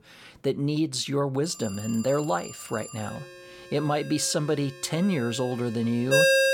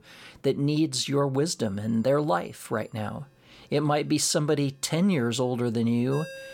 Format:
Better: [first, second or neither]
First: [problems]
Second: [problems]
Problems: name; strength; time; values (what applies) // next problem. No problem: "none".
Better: second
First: alarms or sirens; loud; throughout; 1 dB below the speech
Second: alarms or sirens; faint; throughout; 25 dB below the speech